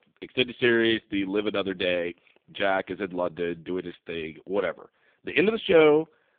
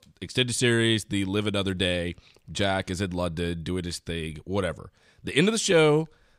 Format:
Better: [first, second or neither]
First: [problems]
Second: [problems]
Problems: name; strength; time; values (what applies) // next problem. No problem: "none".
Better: second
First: phone-call audio; poor line; nothing above 3.5 kHz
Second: none